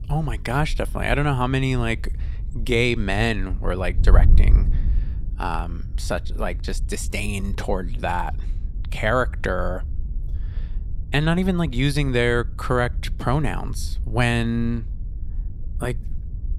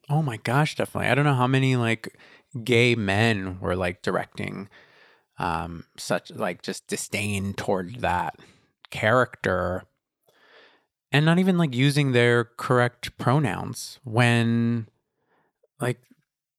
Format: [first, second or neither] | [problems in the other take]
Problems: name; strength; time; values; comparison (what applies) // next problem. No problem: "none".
second | wind noise on the microphone; occasional gusts; 20 dB below the speech